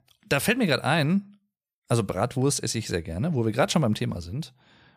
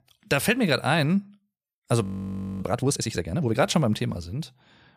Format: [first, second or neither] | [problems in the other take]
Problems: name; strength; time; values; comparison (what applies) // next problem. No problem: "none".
first | audio freezing; at 2 s for 0.5 s